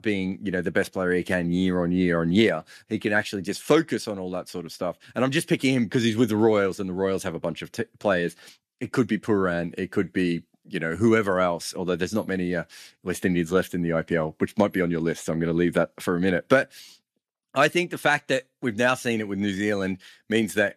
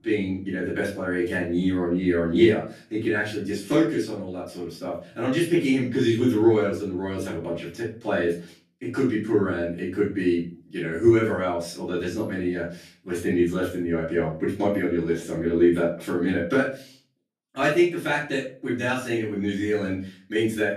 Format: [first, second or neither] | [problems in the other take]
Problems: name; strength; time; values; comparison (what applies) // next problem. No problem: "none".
first | off-mic speech; far // room echo; slight; dies away in 0.4 s